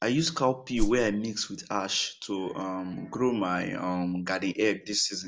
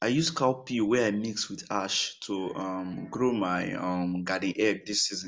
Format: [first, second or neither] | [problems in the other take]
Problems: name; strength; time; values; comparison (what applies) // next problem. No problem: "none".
second | background sound (Whoosh, swoosh, swish); 1 dB above the speech